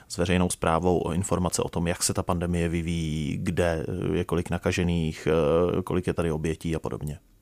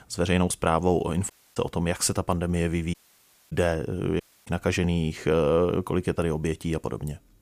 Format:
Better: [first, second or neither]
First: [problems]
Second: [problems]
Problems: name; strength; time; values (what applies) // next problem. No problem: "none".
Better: first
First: none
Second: audio cutting out; at 1.5 s, at 3 s for 0.5 s and at 4 s